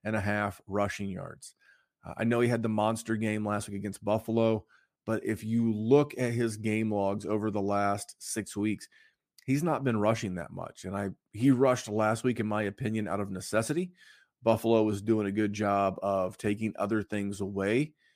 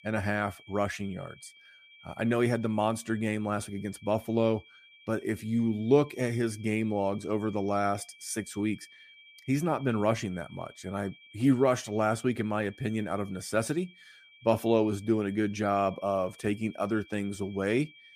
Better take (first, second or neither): first